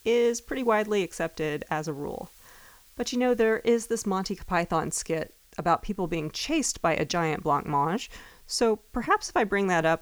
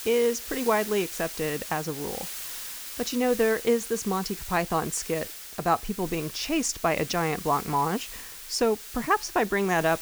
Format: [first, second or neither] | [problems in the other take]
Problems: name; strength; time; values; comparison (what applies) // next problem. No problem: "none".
first | hiss; loud; throughout; 9 dB below the speech; faint in the first